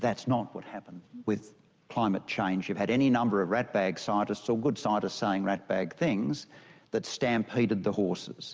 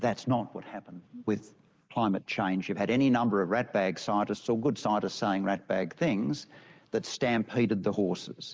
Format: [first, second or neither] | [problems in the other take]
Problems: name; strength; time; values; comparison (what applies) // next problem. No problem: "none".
first | noise reduction (neural mask model Resemble Enhance denoiser)